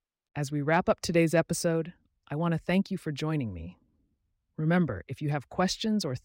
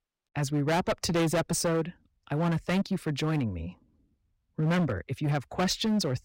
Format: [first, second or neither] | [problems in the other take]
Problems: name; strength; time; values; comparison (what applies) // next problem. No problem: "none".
first | distortion; heavy; 14% of the sound clipped